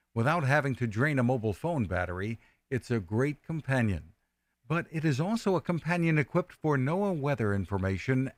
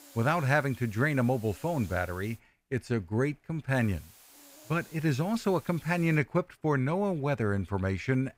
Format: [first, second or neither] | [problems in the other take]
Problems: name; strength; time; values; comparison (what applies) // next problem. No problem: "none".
first | hiss; faint; until 2.5 s and from 3.5 to 6 s; 20 dB below the speech